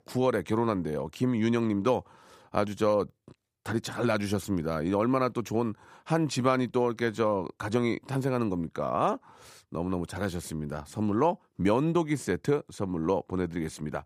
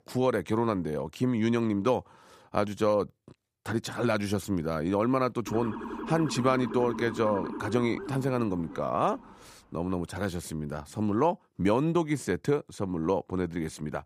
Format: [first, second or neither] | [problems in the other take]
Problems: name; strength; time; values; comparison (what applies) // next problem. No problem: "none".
first | siren; noticeable; from 5.5 to 9.5 s; peak 7 dB below the speech